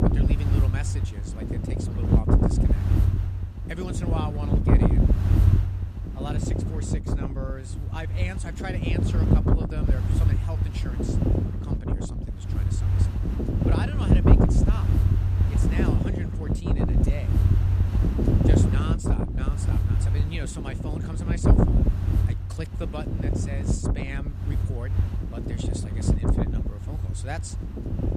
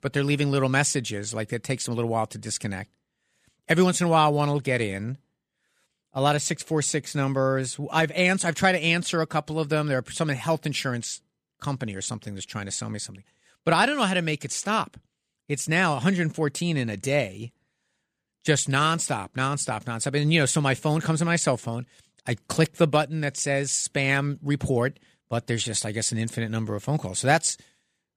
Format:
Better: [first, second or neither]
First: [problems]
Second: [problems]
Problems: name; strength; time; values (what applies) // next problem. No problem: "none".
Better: second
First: wind noise on the microphone; heavy; 5 dB above the speech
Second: none